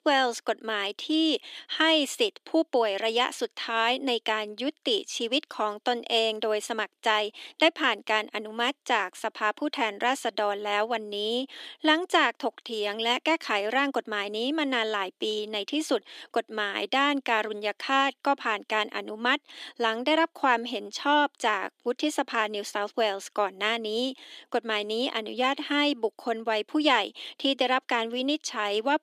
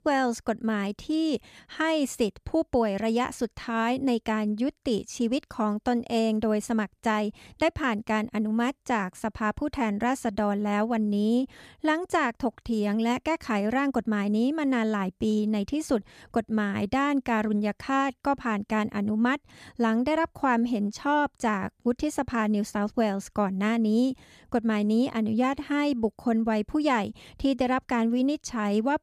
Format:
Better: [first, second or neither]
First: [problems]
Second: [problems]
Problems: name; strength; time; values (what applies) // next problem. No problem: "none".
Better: second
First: thin; somewhat; fading below 300 Hz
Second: none